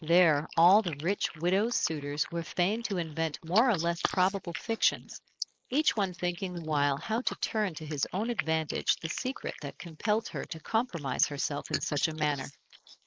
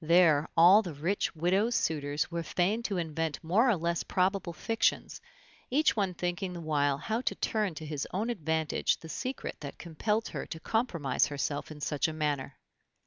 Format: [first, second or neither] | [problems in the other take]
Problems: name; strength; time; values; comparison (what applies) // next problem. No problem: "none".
second | noise reduction (neural mask model Resemble Enhance denoiser)